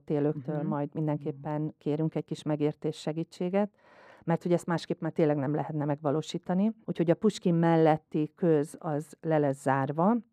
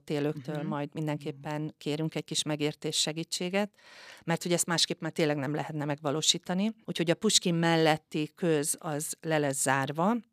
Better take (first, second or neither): second